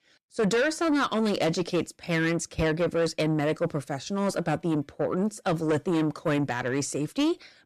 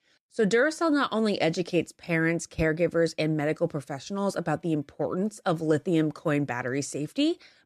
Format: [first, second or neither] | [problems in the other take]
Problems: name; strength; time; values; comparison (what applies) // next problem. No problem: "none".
second | distortion; slight; 10 dB below the speech